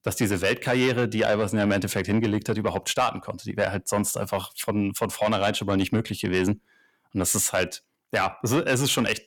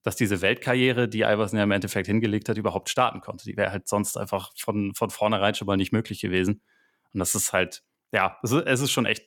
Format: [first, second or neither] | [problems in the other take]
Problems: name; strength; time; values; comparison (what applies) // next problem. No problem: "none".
second | distortion; slight; 10 dB below the speech